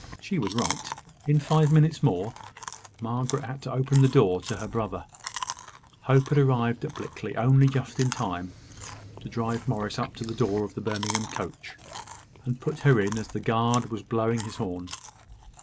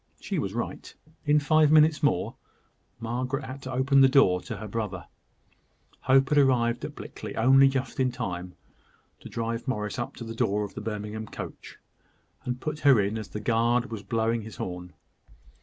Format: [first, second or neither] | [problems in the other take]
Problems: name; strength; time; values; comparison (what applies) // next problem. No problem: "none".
second | background sound (Chewing, mastication); 14 dB below the speech